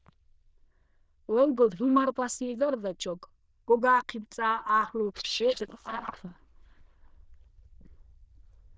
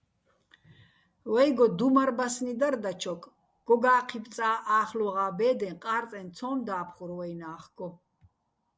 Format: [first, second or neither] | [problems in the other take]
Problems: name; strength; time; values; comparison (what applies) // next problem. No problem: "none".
second | noise reduction (neural diffusion model UNIVERSE++)